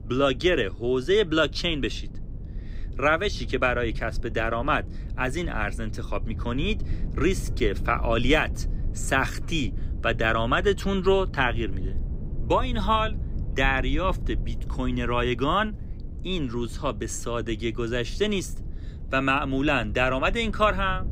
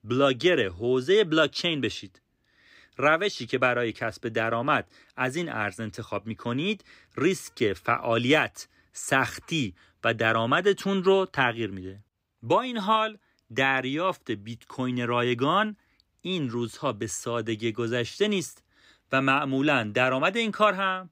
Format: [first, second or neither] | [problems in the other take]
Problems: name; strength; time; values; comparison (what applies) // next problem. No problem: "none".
second | low rumble; faint; throughout; 25 dB below the speech